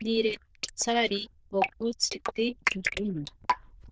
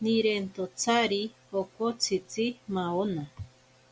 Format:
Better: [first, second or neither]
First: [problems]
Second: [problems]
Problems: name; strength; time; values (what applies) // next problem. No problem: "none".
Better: second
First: noise reduction (neural diffusion model UNIVERSE++)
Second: none